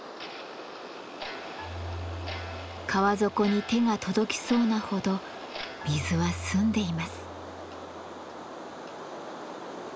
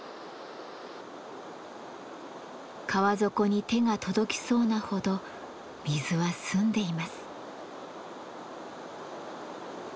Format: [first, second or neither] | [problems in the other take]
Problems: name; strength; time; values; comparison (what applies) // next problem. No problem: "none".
second | background sound (Clock + Marimba, xylophone); 11 dB below the speech